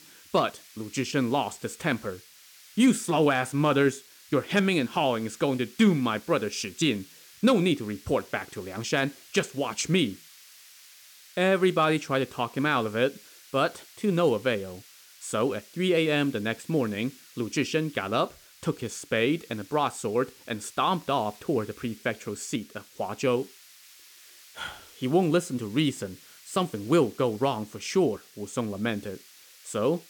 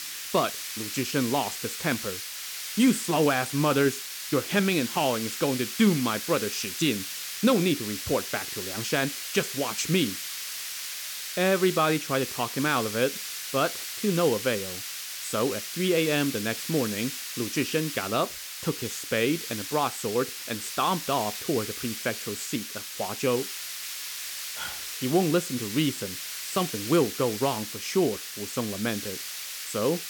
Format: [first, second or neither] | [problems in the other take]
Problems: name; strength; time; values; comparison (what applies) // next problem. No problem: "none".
first | hiss; loud; throughout; 6 dB below the speech; faint in the first